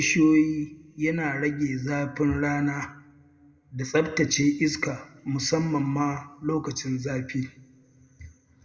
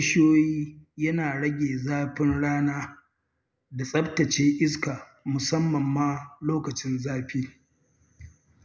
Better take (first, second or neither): second